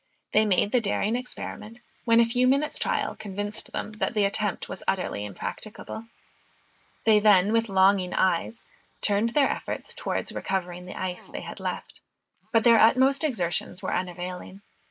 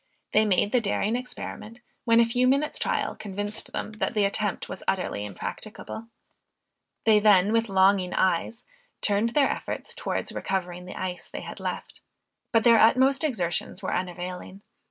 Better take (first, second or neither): second